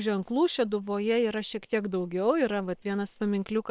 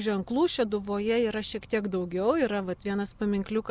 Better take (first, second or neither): second